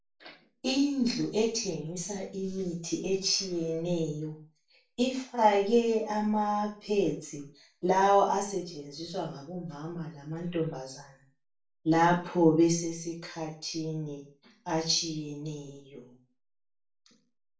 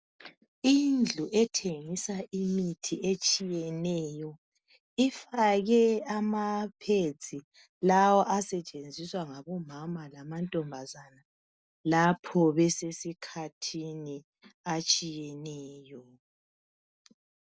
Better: second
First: room echo; dies away in 0.3 s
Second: none

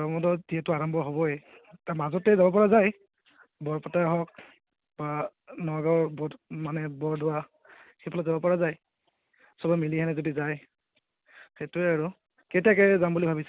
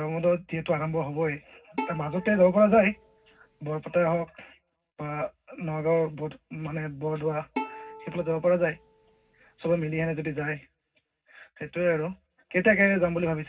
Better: first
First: none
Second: background sound (Bowed string instrument); 13 dB below the speech // room echo; dies away in 0.4 s

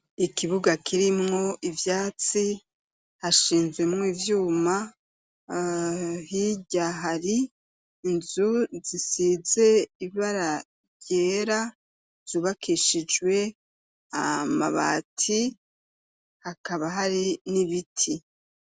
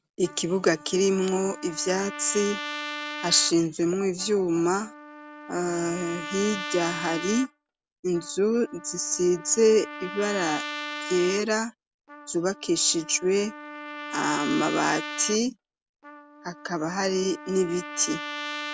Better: first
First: none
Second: background sound (Trumpet); 11 dB below the speech

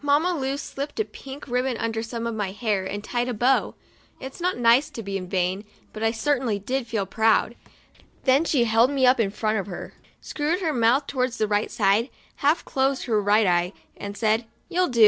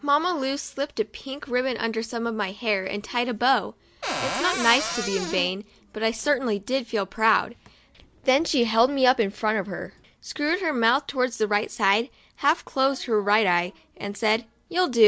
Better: first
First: none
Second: background sound (Cupboard open or close); 4 dB below the speech

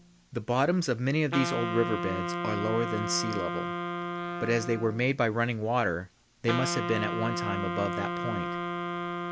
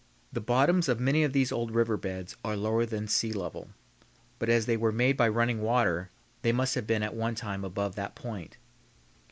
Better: second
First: background sound (Wind instrument, woodwind instrument); 4 dB below the speech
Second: none

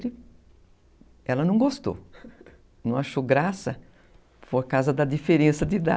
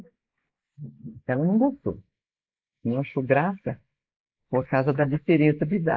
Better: first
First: none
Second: noise reduction (neural mask model Resemble Enhance denoiser)

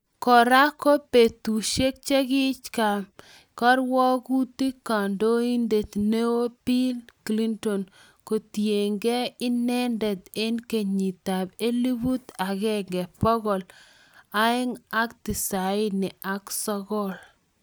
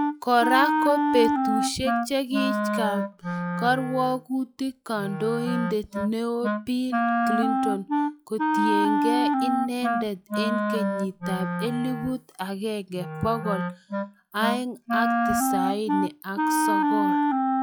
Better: first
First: none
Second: noise reduction (classical method log-MMSE)

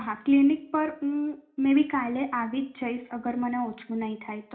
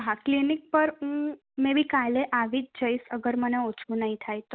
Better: second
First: room echo; dies away in 0.4 s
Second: none

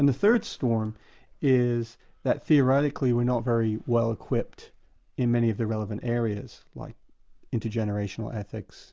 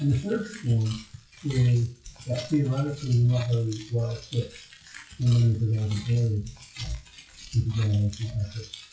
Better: first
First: none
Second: noise reduction (classical method WPE with log-MMSE)

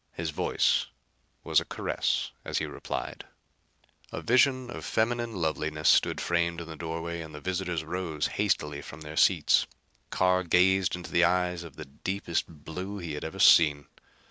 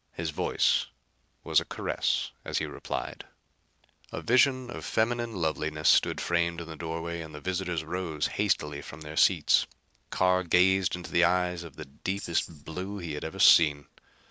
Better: first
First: none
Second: background sound (Tambourine); 13 dB below the speech

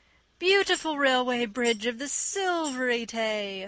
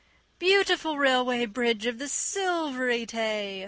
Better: second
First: background sound (Tambourine); 19 dB below the speech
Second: none

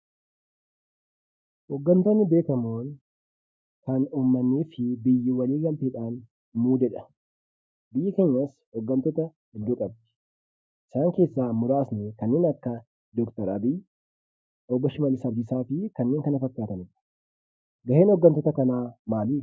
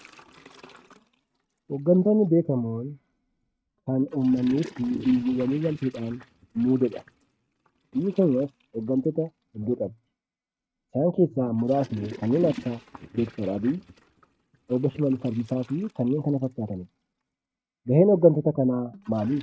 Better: first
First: none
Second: noise reduction (neural mask model RNNoise)

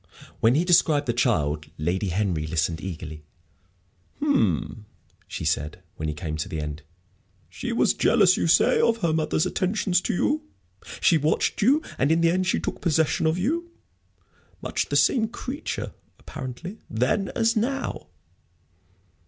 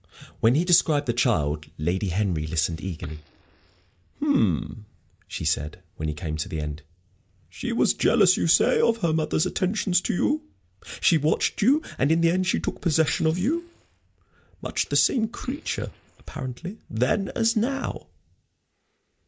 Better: first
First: none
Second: noise reduction (neural mask model Resemble Enhance denoiser)

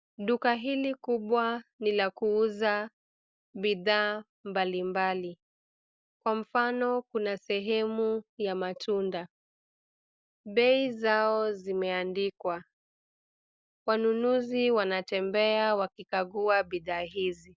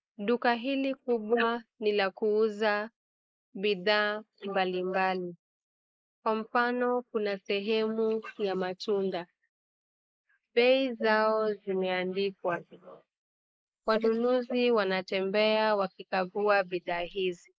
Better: first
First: none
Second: noise reduction (neural mask model Resemble Enhance denoiser)

